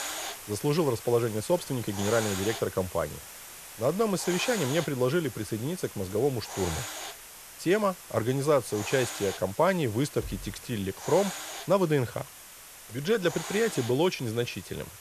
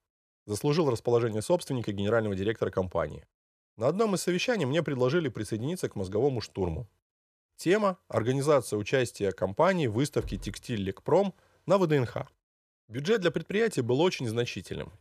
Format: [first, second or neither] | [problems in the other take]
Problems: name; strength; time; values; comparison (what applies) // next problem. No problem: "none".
second | hiss; noticeable; throughout; 10 dB below the speech